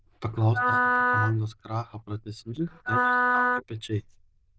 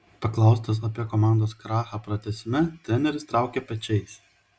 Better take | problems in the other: second | noise reduction (neural diffusion model UNIVERSE++)

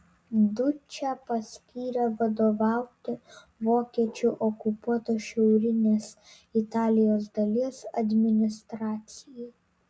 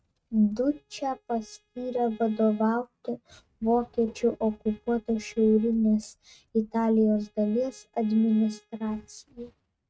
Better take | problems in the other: first | noise reduction (neural mask model RNNoise)

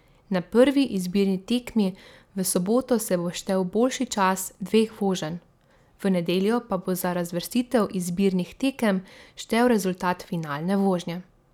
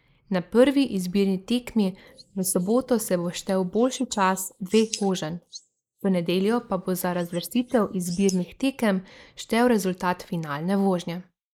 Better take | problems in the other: first | noise reduction (neural mask model Resemble Enhance denoiser)

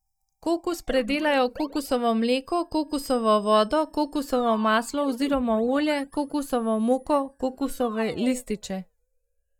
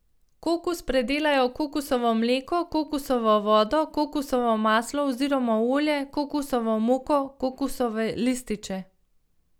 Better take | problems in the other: second | noise reduction (neural mask model DeepFilterNet 3)

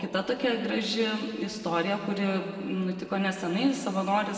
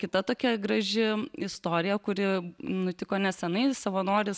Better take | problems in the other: second | room echo; dies away in 2.2 s

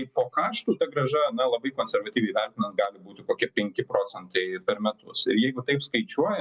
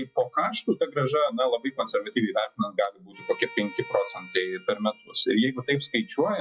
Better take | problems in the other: first | noise reduction (classical method log-MMSE)

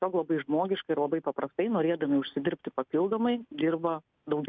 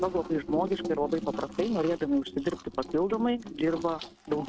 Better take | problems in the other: first | noise reduction (neural mask model RNNoise)

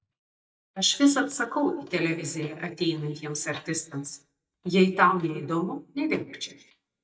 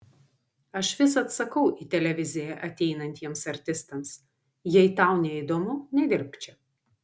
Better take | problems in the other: second | noise reduction (neural mask model DeepFilterNet 3)

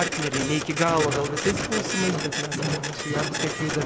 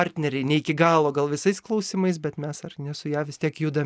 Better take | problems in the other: second | background sound (Walk, footsteps + Printer); as loud as the speech

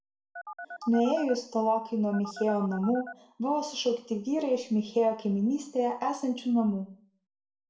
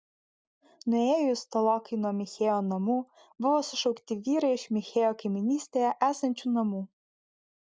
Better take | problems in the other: second | background sound (Telephone); 13 dB below the speech // room echo; dies away in 0.4 s

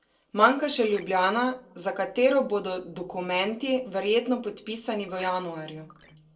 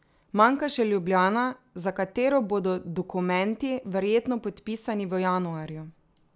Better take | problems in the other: second | noise reduction (neural separator model SepFormer DNS4)

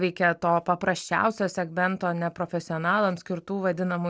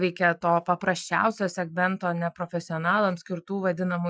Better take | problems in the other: first | noise reduction (classical method Wiener filter)

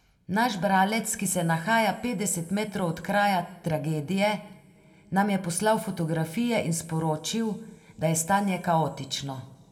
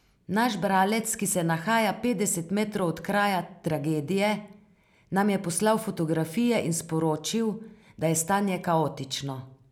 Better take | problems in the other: second | room echo; dies away in 1.9 s

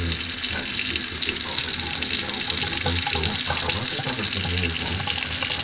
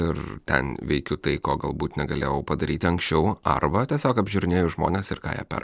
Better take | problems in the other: second | background sound (Sink (filling or washing) / Water tap, faucet); 4 dB above the speech // room echo; dies away in 0.1 s

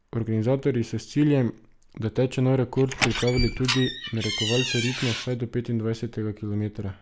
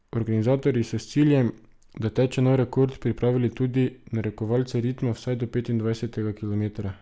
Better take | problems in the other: second | background sound (Door); 4 dB below the speech

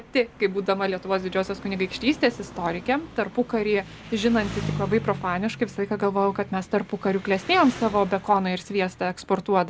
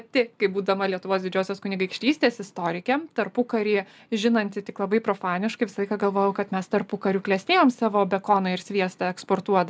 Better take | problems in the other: second | background sound (Engine); 14 dB below the speech

